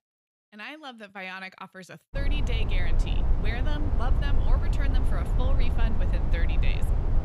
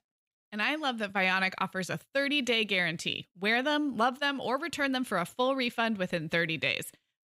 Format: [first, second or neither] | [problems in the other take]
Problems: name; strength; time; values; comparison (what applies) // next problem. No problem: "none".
second | low rumble; loud; from 2 s on; 3 dB below the speech